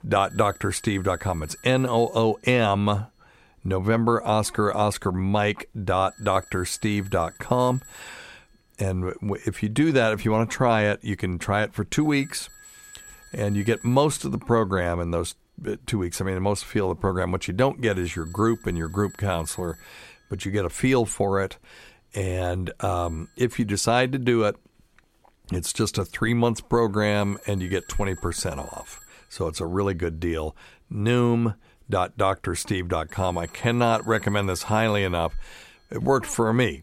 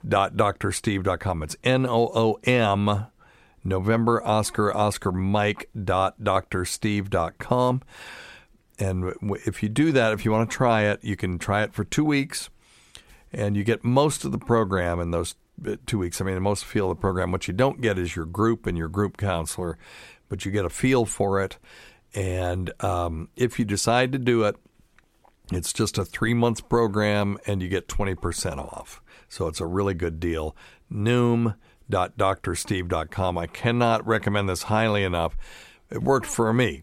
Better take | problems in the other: second | alarms or sirens; faint; throughout; 20 dB below the speech

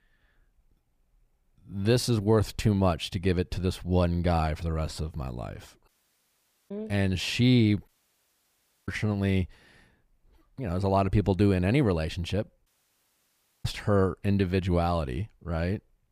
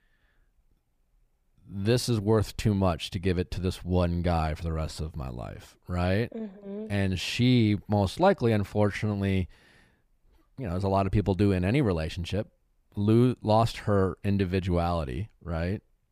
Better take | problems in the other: second | audio cutting out; at 6 s for 1 s, at 8 s for 1 s and at 13 s for 1 s

